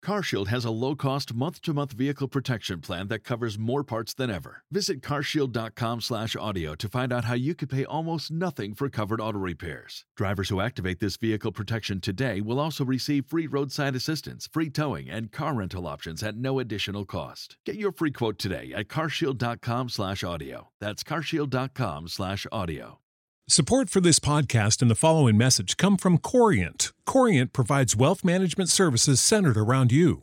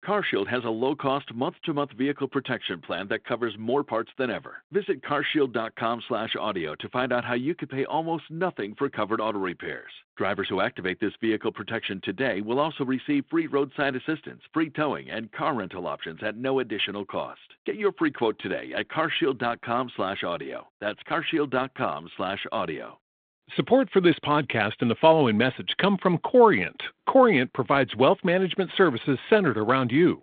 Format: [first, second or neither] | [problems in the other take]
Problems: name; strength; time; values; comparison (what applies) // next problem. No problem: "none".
first | phone-call audio